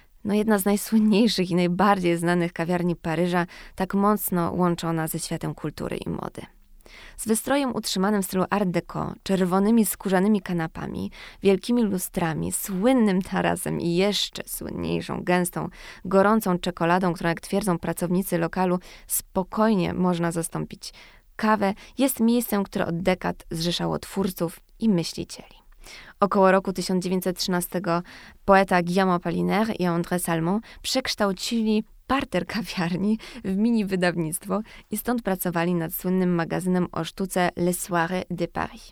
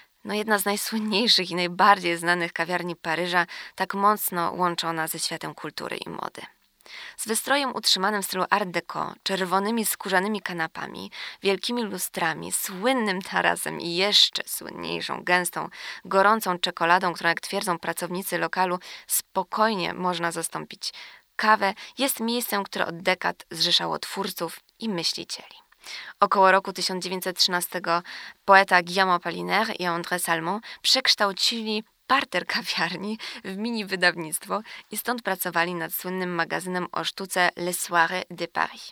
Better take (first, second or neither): first